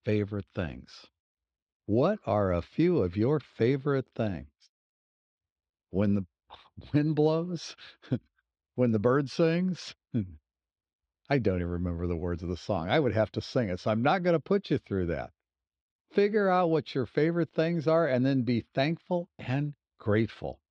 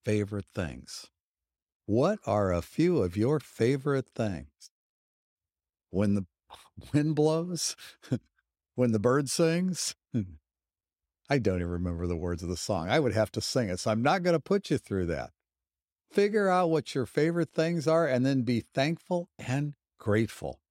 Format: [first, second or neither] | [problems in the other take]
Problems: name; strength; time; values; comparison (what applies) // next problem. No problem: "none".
second | muffled; slightly; fading above 4 kHz